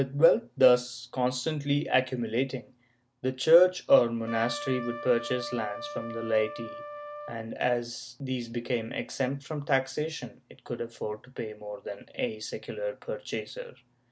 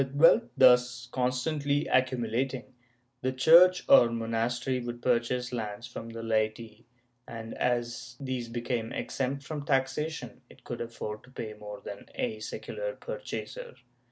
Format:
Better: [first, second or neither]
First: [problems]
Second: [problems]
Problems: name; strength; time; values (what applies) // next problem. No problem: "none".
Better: second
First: background sound (Trumpet); 11 dB below the speech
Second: none